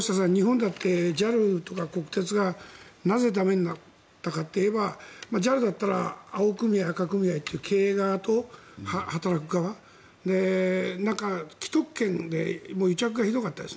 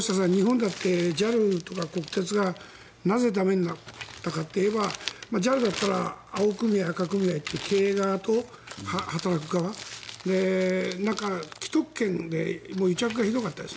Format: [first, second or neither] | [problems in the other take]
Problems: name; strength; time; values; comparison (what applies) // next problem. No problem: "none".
first | background sound (Crumpling, crinkling); 16 dB below the speech